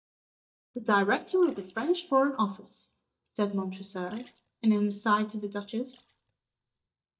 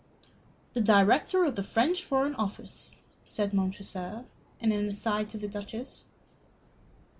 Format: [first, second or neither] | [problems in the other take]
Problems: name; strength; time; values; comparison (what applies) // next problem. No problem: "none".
second | noise reduction (neural mask model DeepFilterNet 3)